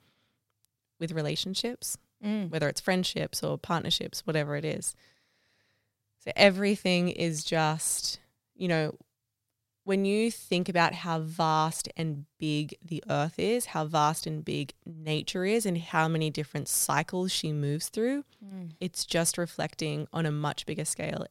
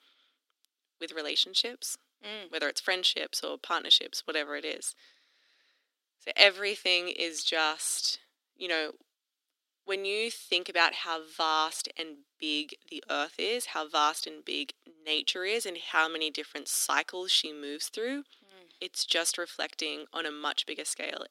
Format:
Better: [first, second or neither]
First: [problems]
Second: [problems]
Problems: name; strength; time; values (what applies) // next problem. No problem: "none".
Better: first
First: none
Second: thin; somewhat; fading below 250 Hz